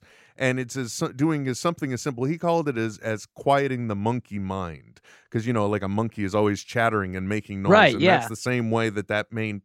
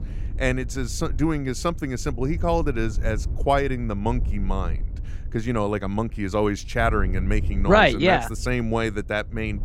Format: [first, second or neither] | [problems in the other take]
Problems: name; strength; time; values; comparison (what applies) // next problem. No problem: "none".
first | wind noise on the microphone; occasional gusts; 25 dB below the speech